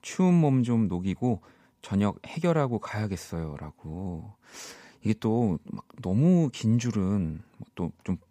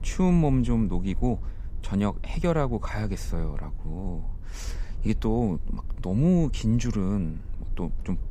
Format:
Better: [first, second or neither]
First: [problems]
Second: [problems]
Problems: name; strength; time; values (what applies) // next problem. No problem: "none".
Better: first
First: none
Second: low rumble; faint; throughout; 20 dB below the speech